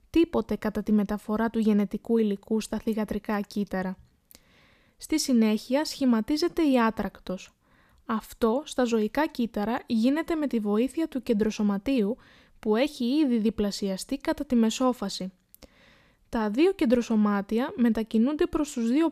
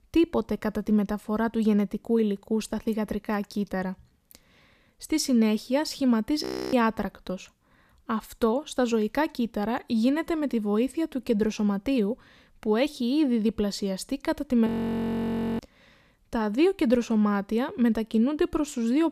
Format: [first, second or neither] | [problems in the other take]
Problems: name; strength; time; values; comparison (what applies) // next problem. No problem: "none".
first | audio freezing; at 6.5 s and at 15 s for 1 s